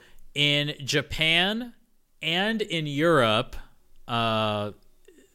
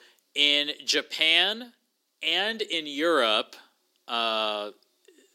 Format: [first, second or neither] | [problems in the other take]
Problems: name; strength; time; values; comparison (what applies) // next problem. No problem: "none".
first | thin; somewhat; fading below 250 Hz